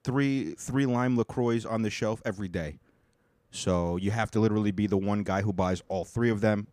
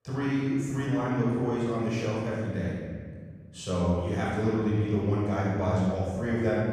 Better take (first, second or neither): first